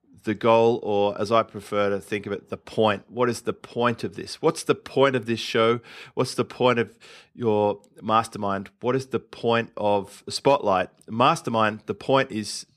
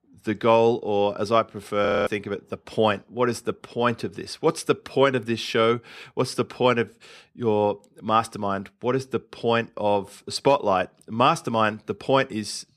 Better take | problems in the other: first | audio freezing; at 2 s

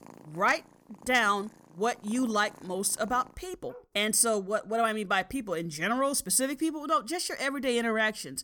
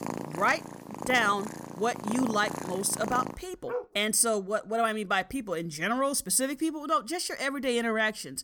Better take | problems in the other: first | animal sounds; loud; until 3.5 s; 10 dB below the speech; faint in the first

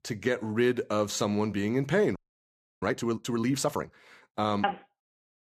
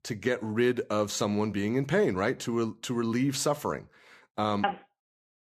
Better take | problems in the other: second | audio freezing; at 2 s for 0.5 s

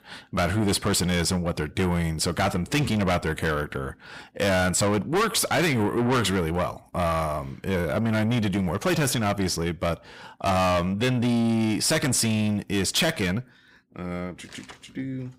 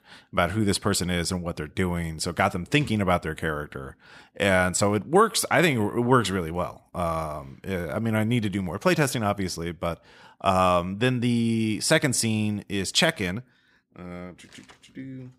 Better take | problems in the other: second | distortion; heavy; 6 dB below the speech

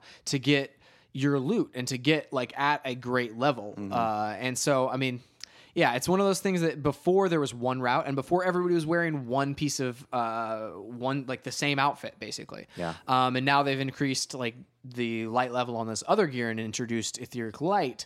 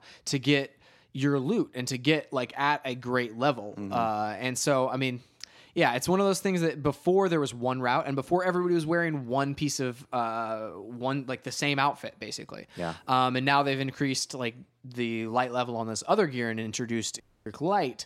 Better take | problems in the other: first | audio cutting out; at 17 s

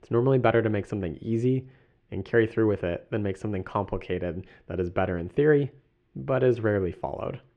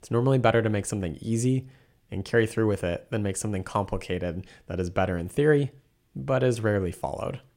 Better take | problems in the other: second | muffled; very; fading above 2.5 kHz

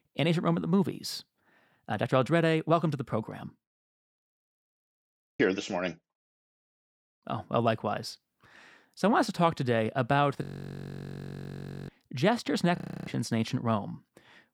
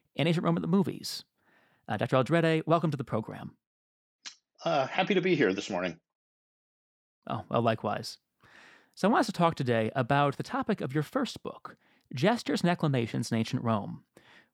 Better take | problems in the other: second | audio freezing; at 4 s for 1 s, at 10 s for 1.5 s and at 13 s

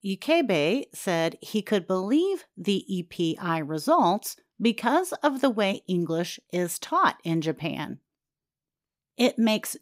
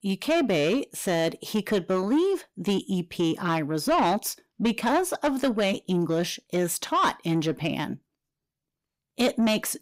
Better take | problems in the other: first | distortion; slight; 10 dB below the speech

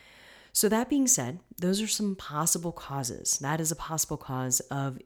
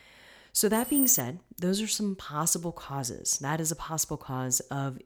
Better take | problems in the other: first | jangling keys; loud; at 0.5 s; peak 3 dB above the speech

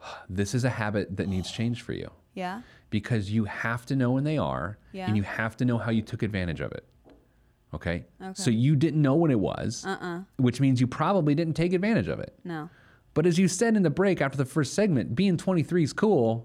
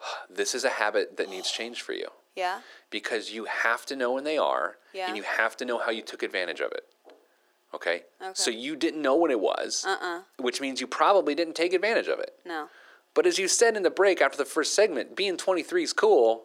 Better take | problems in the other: first | thin; very; fading below 400 Hz

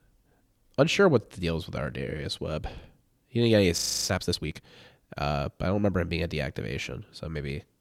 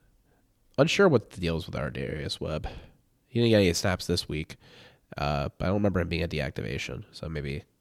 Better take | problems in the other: second | audio freezing; at 4 s

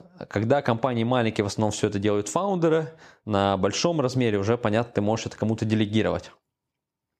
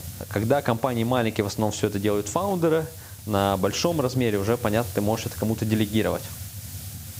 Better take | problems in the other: first | hiss; noticeable; throughout; 15 dB below the speech

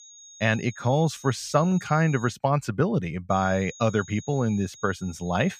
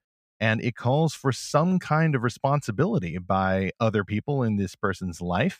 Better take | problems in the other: second | high-pitched whine; noticeable; until 2.5 s and from 3.5 s on; 6.5 kHz, 20 dB below the speech

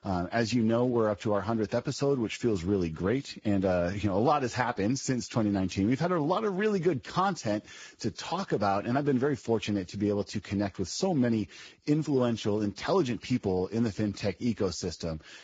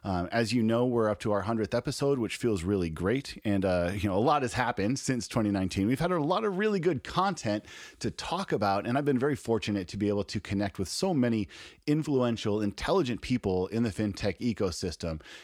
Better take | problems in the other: second | garbled, watery; badly; nothing above 7.5 kHz

